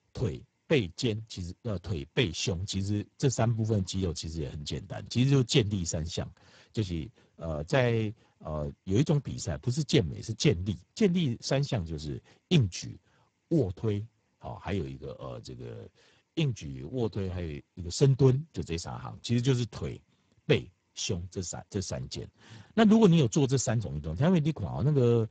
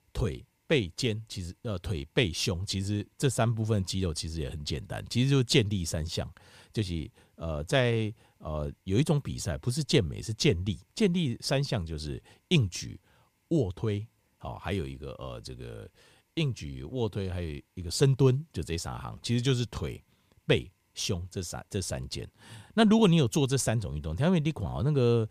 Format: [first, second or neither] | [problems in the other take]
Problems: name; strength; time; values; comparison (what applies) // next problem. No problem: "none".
second | garbled, watery; badly; nothing above 7.5 kHz